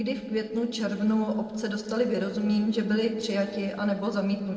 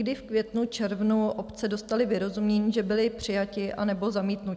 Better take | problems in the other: second | noise reduction (neural separator model SepFormer DNS4)

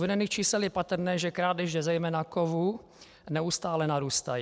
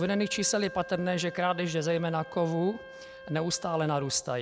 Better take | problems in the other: first | background sound (Wind instrument, woodwind instrument); 16 dB below the speech

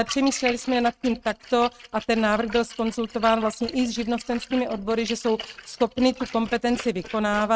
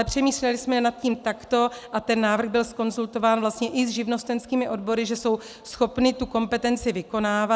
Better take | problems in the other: second | noise reduction (neural mask model RNNoise)

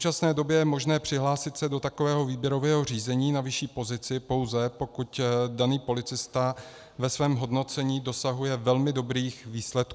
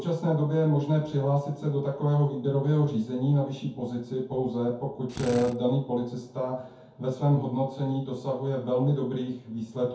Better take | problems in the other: first | background sound (Drill); 11 dB below the speech // room echo; dies away in 0.6 s

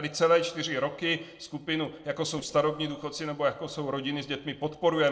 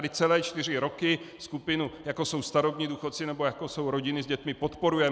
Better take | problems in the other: second | noise reduction (neural separator model SepFormer DNS4)

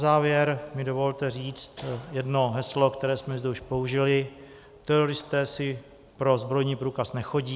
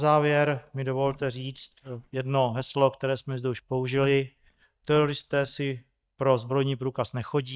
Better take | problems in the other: first | noise reduction (neural mask model DeepFilterNet 3)

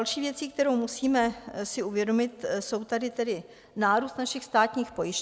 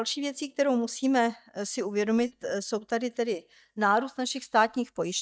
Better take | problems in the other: first | noise reduction (neural mask model DeepFilterNet 3)

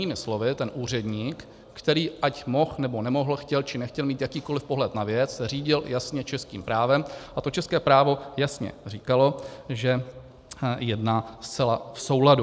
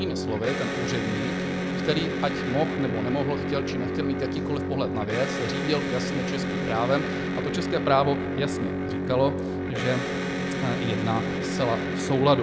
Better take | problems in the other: first | background sound (Electric guitar); as loud as the speech

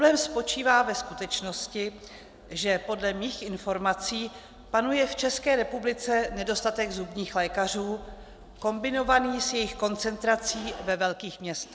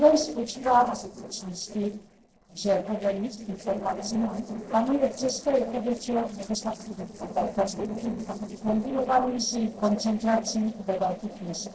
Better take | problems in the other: first | noise reduction (neural separator model SepFormer DNS4)

